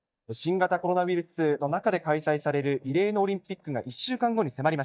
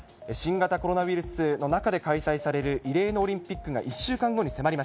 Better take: second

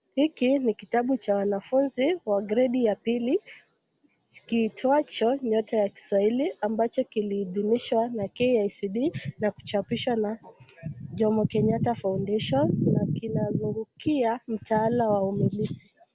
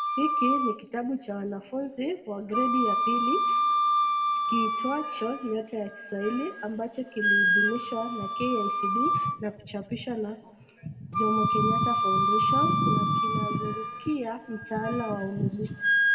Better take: first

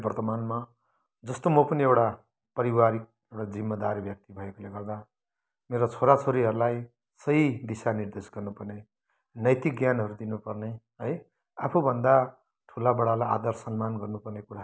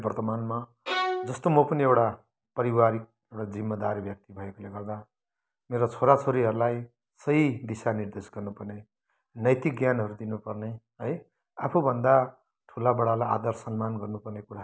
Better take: first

